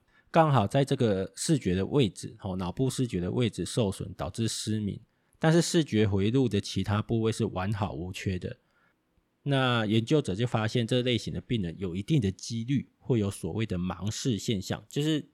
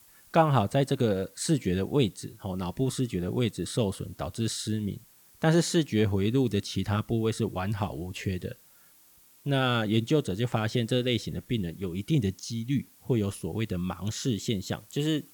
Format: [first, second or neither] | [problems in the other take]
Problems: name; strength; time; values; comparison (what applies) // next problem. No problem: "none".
first | hiss; faint; throughout; 25 dB below the speech